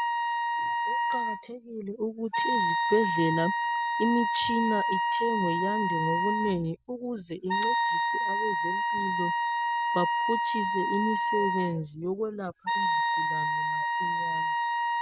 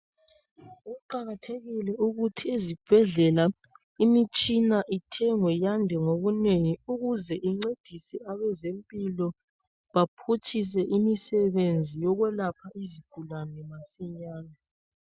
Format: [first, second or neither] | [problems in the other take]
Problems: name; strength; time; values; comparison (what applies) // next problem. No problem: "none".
second | background sound (Wind instrument, woodwind instrument); 4 dB above the speech